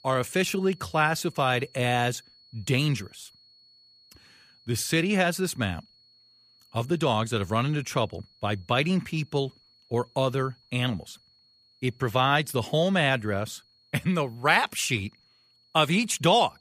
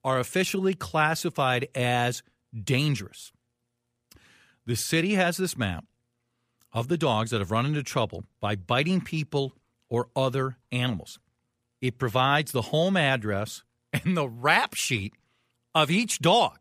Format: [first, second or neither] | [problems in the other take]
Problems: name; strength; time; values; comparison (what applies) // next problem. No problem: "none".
second | high-pitched whine; faint; throughout; 4.5 kHz, 30 dB below the speech